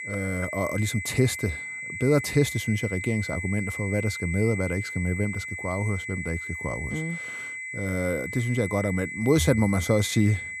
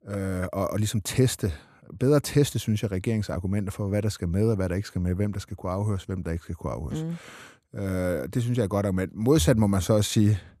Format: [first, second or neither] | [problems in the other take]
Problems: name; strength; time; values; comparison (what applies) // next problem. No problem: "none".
second | high-pitched whine; loud; throughout; 2 kHz, 6 dB below the speech